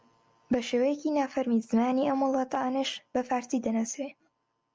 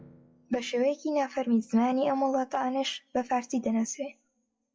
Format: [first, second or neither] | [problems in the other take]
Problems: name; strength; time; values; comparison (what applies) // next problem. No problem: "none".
first | noise reduction (classical method WPE with log-MMSE)